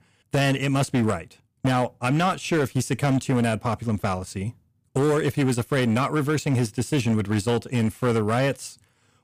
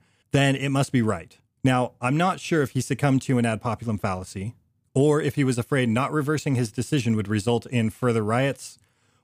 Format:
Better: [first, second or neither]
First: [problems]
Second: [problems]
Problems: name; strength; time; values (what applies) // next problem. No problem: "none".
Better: second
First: distortion; slight; 13% of the sound clipped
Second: none